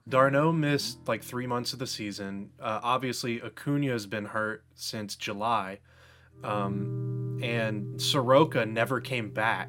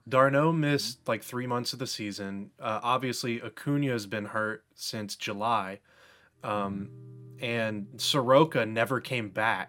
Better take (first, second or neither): second